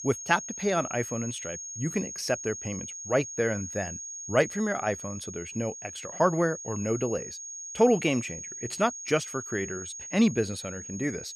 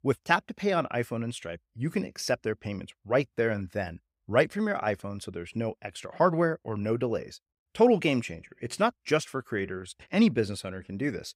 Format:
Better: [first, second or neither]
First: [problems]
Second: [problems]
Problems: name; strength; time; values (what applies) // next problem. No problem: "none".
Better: second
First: high-pitched whine; loud; throughout; 6.5 kHz, 8 dB below the speech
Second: none